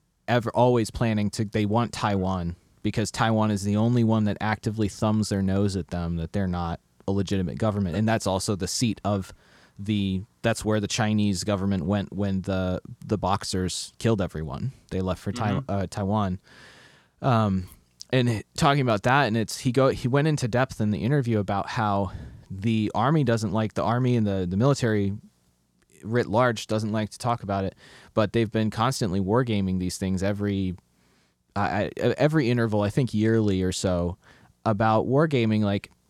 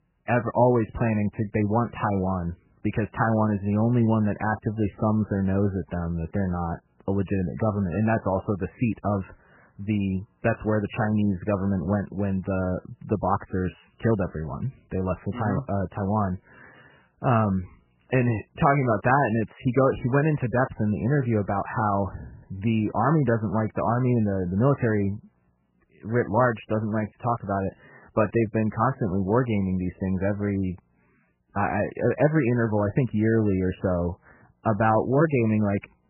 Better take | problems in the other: first | garbled, watery; badly; nothing above 3 kHz

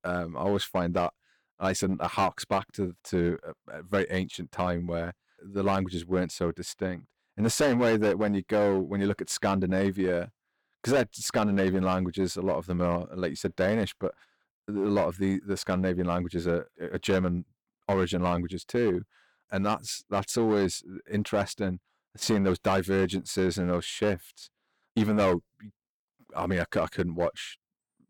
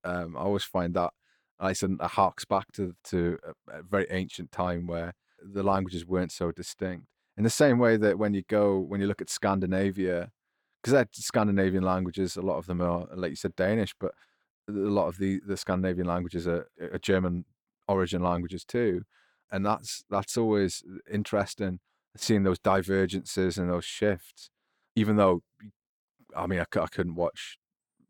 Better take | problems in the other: second | distortion; slight; 6% of the sound clipped

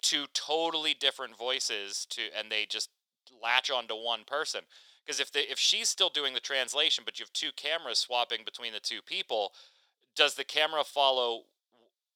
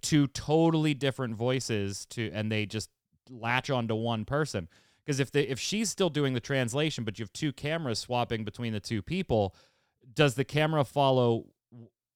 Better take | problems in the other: second | thin; very; fading below 550 Hz

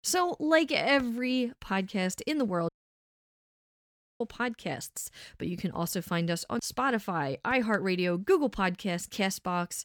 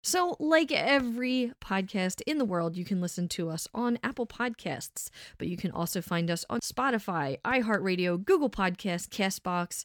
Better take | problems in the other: second | audio cutting out; at 2.5 s for 1.5 s

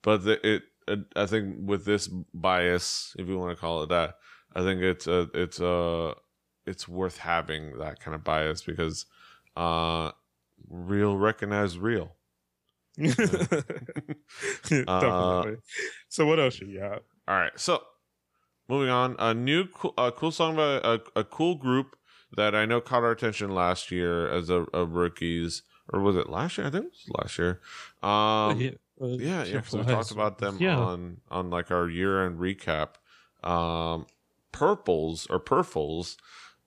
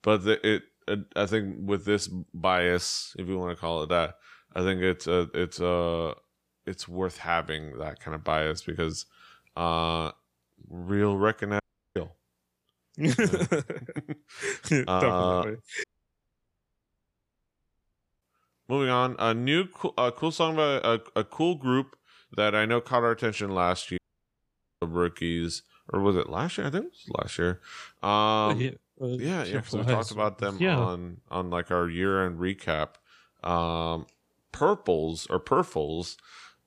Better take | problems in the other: first | audio cutting out; at 12 s, at 16 s for 2.5 s and at 24 s for 1 s

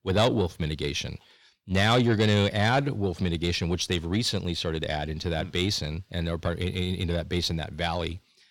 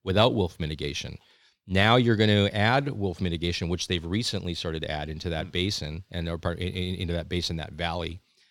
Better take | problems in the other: second | distortion; slight; 10 dB below the speech

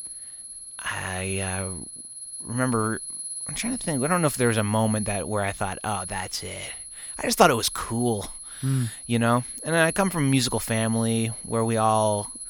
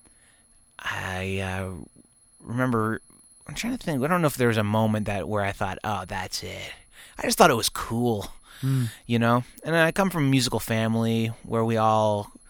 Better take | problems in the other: second | high-pitched whine; loud; throughout; 10.5 kHz, 8 dB below the speech; faint in the second

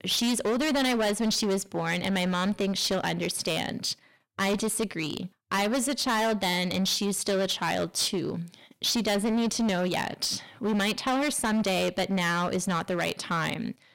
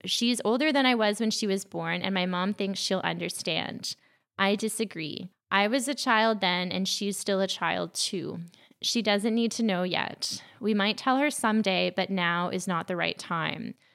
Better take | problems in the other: second | distortion; heavy; 17% of the sound clipped

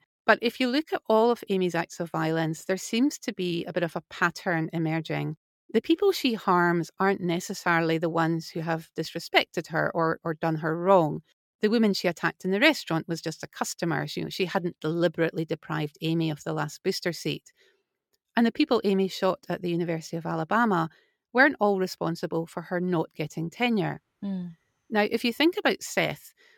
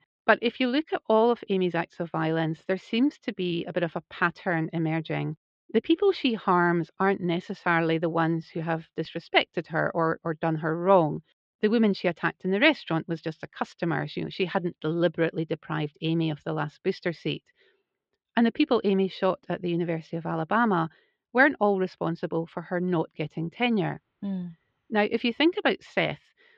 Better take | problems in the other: first | muffled; slightly; fading above 3.5 kHz

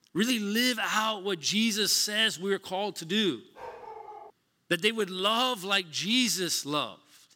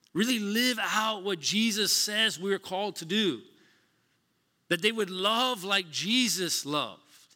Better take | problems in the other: second | dog barking; faint; at 3.5 s; peak 15 dB below the speech

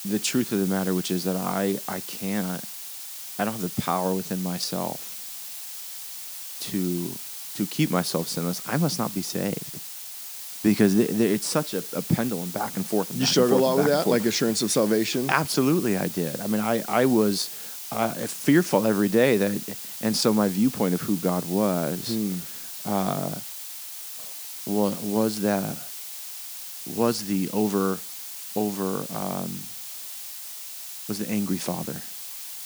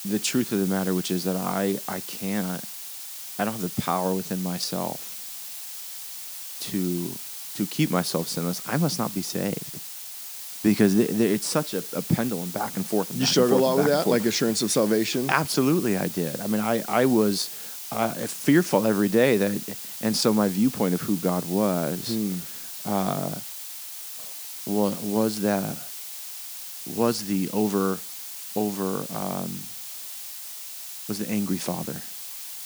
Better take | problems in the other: neither | hiss; loud; throughout; 9 dB below the speech; the same in both

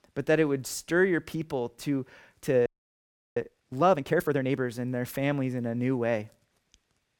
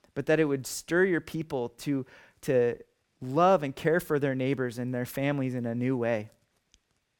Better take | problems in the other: second | audio freezing; at 2.5 s for 0.5 s

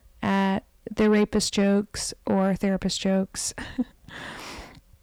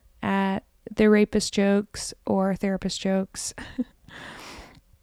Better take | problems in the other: second | distortion; slight; 10 dB below the speech

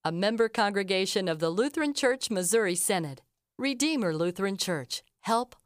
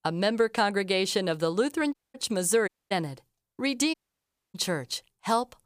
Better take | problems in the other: first | audio cutting out; at 2 s, at 2.5 s and at 4 s for 0.5 s

